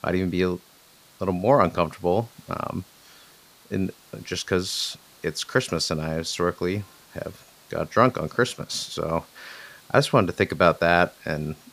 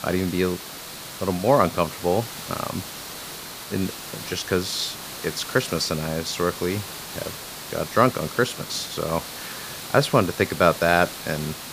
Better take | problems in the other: first | hiss; loud; throughout; 10 dB below the speech; faint in the first

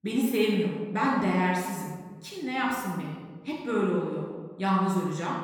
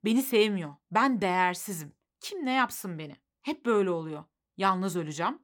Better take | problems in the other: second | off-mic speech; far // room echo; noticeable; dies away in 1.5 s

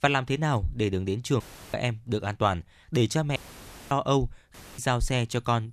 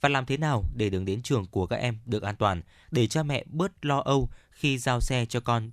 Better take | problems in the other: second | audio cutting out; filled with static; at 1.5 s, at 3.5 s for 0.5 s and at 4.5 s

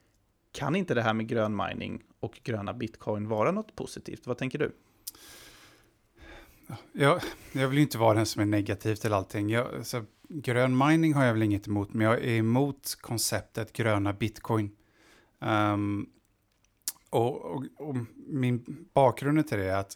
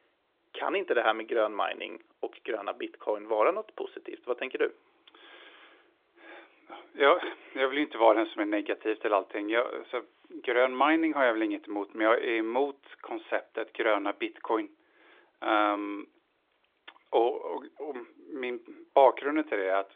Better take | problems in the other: first | phone-call audio; nothing above 3.5 kHz

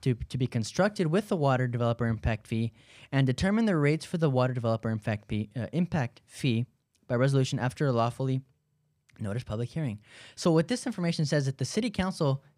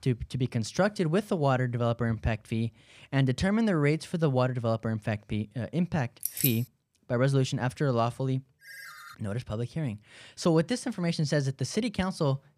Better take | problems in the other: first | jangling keys; noticeable; at 6 s; peak level with the speech // phone ringing; faint; at 8.5 s; peak 15 dB below the speech

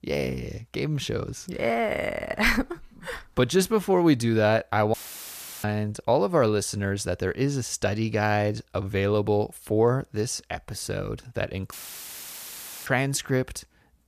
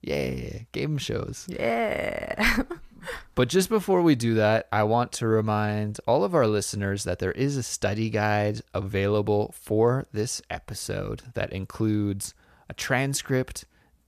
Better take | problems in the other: second | audio cutting out; filled with static; at 5 s for 0.5 s and at 12 s for 1 s

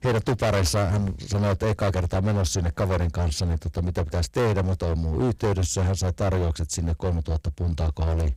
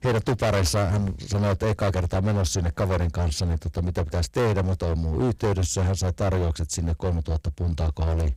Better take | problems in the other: neither | distortion; heavy; 23% of the sound clipped; the same in both

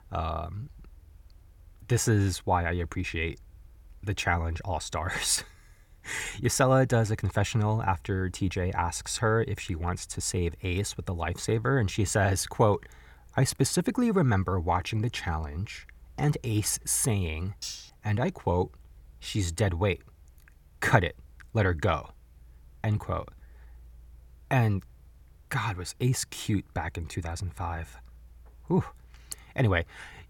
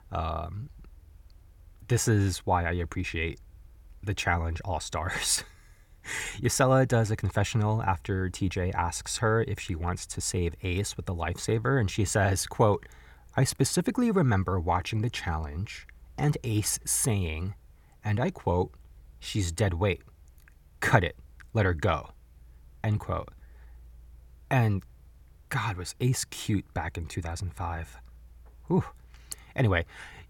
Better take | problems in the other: second | clattering dishes; noticeable; at 18 s; peak 9 dB below the speech

